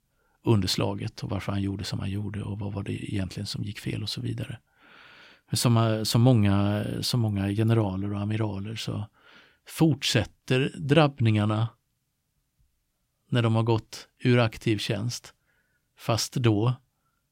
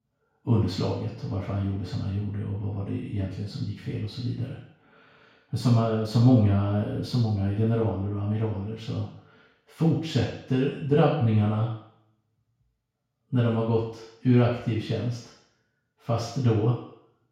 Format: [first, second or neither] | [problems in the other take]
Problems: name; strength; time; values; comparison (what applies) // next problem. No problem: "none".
first | room echo; noticeable; dies away in 0.7 s // off-mic speech; far